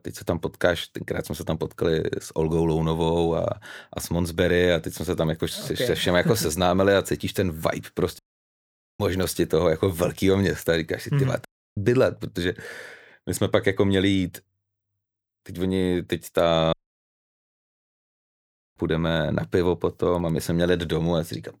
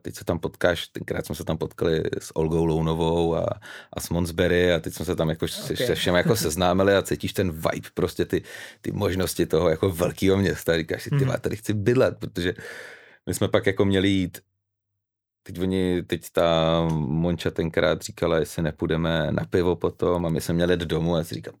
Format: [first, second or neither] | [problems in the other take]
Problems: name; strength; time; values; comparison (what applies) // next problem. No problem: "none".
second | audio cutting out; at 8 s for 1 s, at 11 s and at 17 s for 2 s